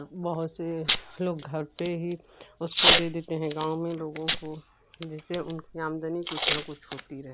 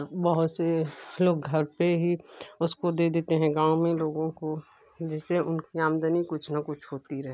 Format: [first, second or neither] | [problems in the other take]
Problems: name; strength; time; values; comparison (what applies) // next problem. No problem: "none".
second | background sound (Packing tape, duct tape / Tearing); 2 dB above the speech